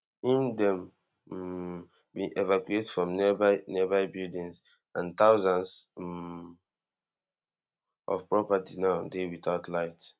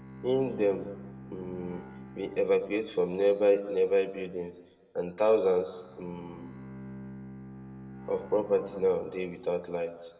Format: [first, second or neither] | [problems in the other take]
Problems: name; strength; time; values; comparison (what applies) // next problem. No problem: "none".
first | background sound (Bowed string instrument); 17 dB below the speech // room echo; dies away in 1 s